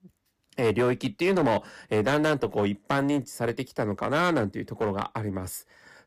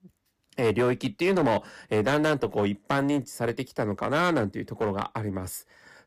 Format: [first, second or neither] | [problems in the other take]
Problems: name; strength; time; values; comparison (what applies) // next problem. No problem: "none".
neither | distortion; slight; 7% of the sound clipped; the same in both